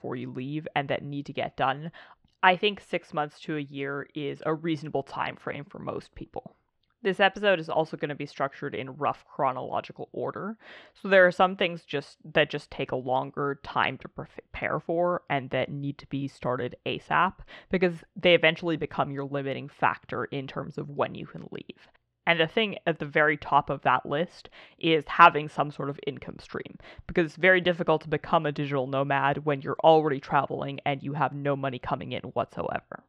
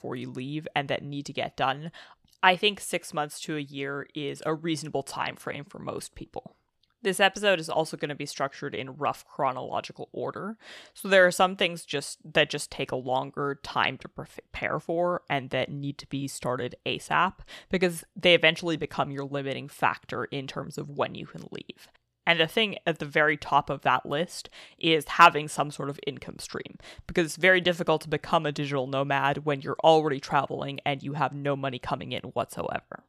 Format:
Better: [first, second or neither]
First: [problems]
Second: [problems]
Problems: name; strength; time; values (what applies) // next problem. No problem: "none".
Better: second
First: muffled; slightly; fading above 2.5 kHz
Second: none